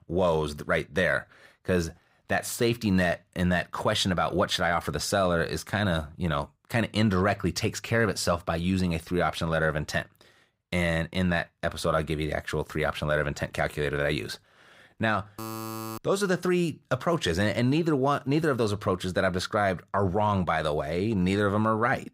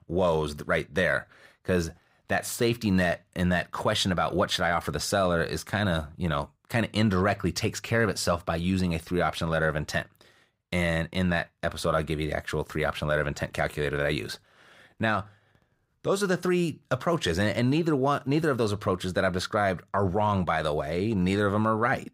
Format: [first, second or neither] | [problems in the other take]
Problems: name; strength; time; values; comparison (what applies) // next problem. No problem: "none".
second | alarm; noticeable; at 15 s; peak 8 dB below the speech